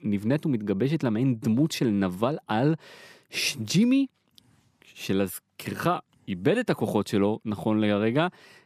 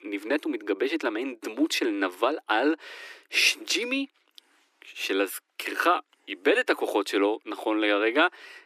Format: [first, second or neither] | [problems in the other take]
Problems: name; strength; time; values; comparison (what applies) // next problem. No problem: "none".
first | thin; somewhat; fading below 300 Hz